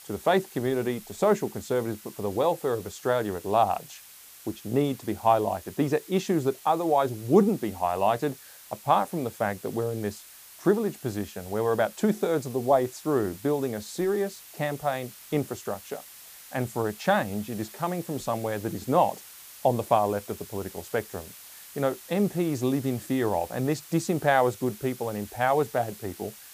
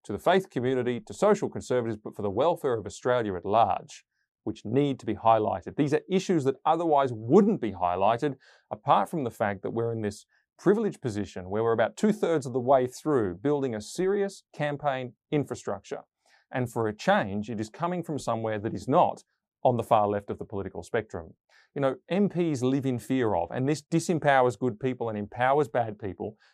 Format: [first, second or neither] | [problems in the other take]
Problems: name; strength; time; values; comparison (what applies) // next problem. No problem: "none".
second | hiss; noticeable; throughout; 15 dB below the speech